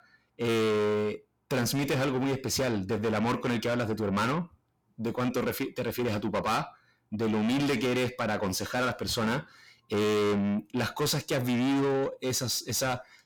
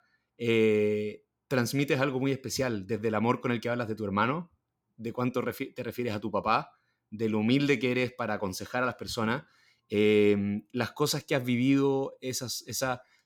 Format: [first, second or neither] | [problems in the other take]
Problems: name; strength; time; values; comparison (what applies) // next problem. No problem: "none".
second | distortion; heavy; 6 dB below the speech